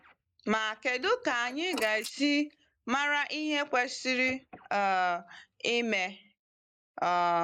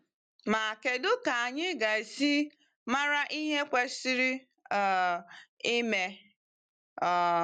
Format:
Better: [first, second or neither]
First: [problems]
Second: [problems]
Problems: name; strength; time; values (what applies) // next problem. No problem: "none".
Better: second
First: noise reduction (neural mask model Resemble Enhance denoiser)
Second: none